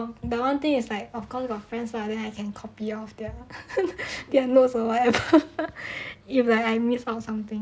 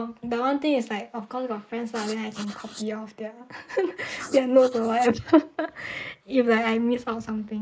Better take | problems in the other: first | noise reduction (neural mask model Resemble Enhance denoiser)

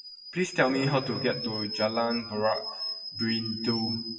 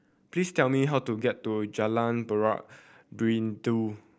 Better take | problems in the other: second | noise reduction (classical method WPE with log-MMSE)

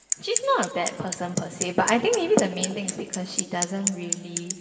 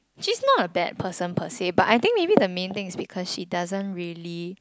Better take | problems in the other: second | background sound (Bicycle); 5 dB below the speech // room echo; dies away in 2.6 s

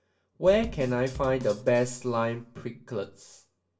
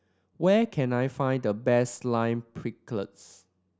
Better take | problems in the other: second | background sound (Bass drum / Snare drum); 15 dB below the speech // room echo; dies away in 0.2 s

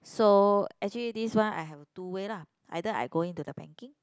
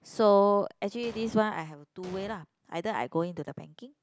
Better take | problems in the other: first | background sound (Explosion); 18 dB below the speech

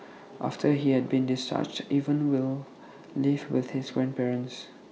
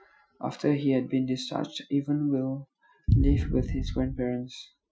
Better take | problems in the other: first | noise reduction (classical method Wiener filter)

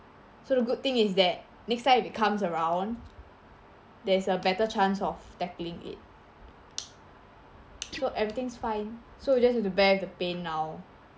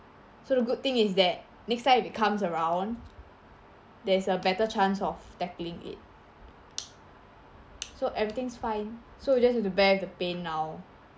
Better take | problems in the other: second | background sound (Guitar); 19 dB below the speech

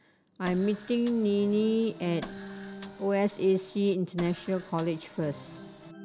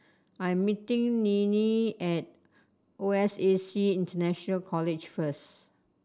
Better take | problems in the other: second | background sound (Organ + Printer); 16 dB below the speech

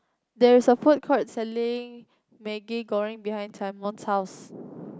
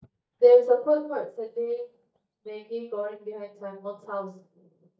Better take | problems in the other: first | noise reduction (neural mask model DeepFilterNet 3)

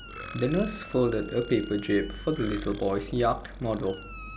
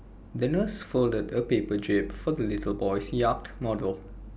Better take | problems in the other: second | background sound (Squeak + Burping, eructation); 17 dB below the speech

